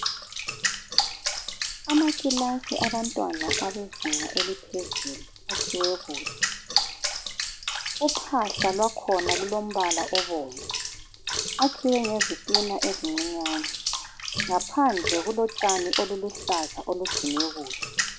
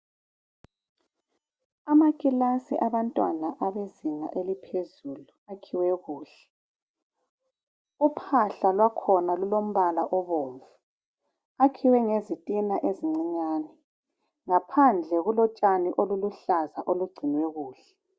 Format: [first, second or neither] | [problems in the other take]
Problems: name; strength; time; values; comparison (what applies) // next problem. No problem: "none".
second | background sound (Bathtub (filling or washing) / Water); 1 dB below the speech